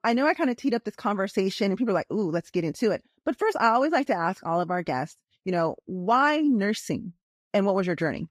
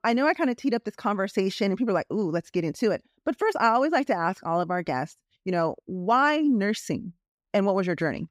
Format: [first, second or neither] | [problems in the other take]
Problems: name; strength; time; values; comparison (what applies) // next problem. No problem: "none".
second | garbled, watery; slightly; nothing above 15.5 kHz